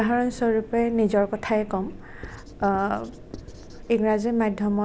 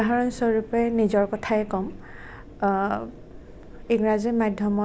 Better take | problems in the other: second | background sound (Writing); 19 dB below the speech

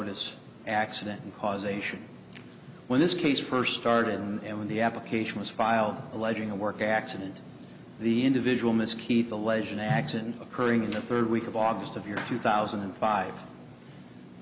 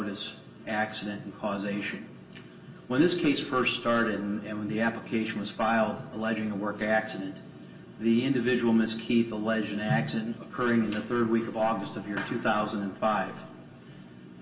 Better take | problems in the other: first | room echo; dies away in 0.5 s

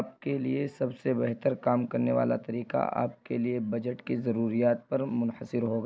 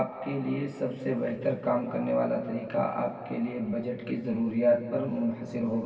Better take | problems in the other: first | room echo; dies away in 2.6 s

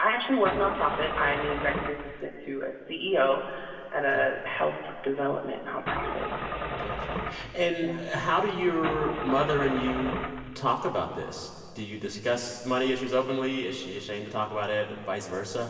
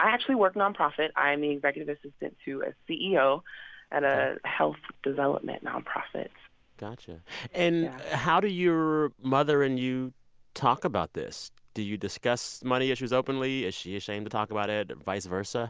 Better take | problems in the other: second | background sound (Engine starting / Car); 4 dB below the speech // room echo; dies away in 2.6 s

